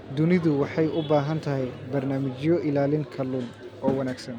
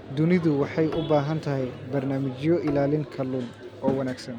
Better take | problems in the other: first | background sound (Bowed string instrument); 18 dB below the speech

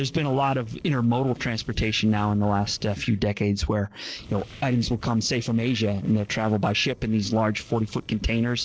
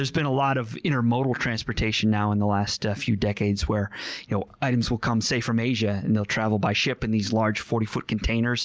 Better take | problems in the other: second | noise reduction (neural separator model SepFormer DNS4)

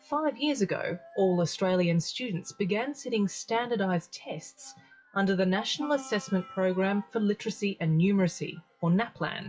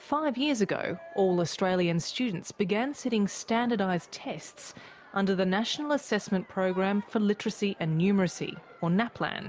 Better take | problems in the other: second | noise reduction (classical method WPE with log-MMSE)

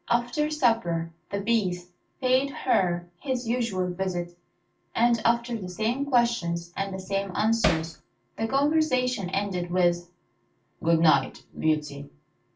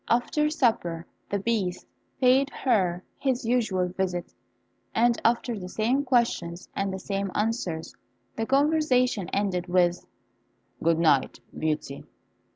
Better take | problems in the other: second | background sound (Hammer); 1 dB below the speech // room echo; dies away in 0.2 s

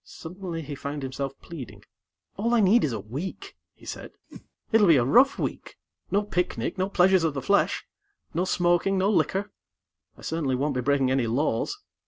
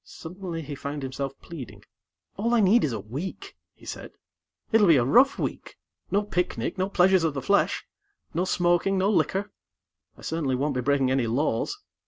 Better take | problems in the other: second | background sound (Whoosh, swoosh, swish); 15 dB below the speech

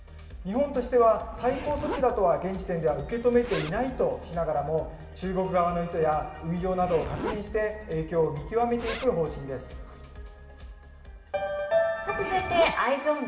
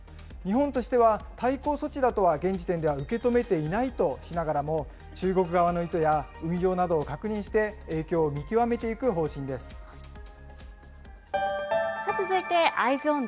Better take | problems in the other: second | background sound (Zipper (clothing)); 15 dB below the speech // room echo; dies away in 2.5 s

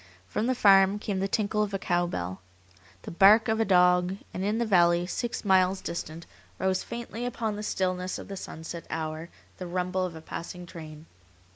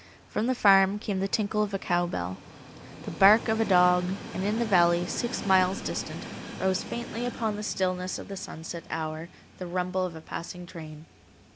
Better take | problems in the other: first | background sound (Train); 13 dB below the speech

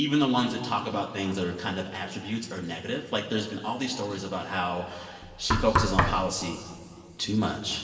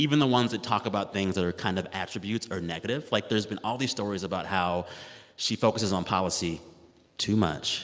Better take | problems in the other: second | background sound (Knock); 1 dB below the speech // room echo; dies away in 2.7 s

